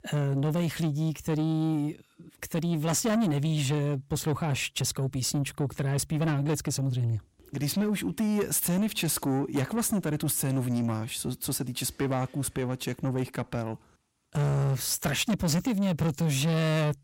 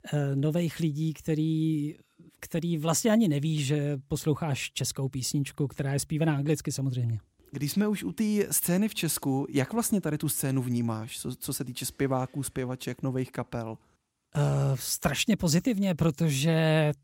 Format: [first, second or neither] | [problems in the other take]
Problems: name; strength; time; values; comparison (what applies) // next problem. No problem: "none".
second | distortion; slight; 10 dB below the speech